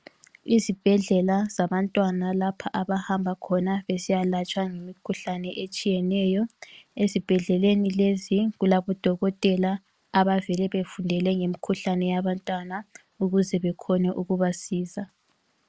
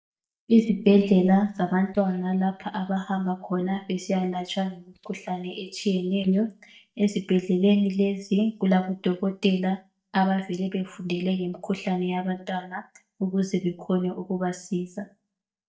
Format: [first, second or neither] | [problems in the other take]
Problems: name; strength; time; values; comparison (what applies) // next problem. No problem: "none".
first | noise reduction (neural mask model DeepFilterNet 3)